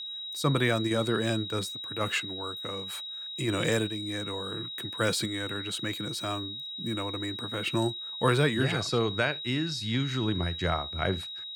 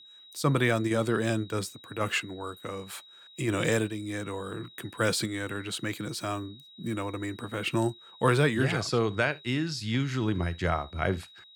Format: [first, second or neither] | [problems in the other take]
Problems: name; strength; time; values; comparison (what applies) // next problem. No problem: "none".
second | high-pitched whine; loud; throughout; 4 kHz, 5 dB below the speech; faint in the second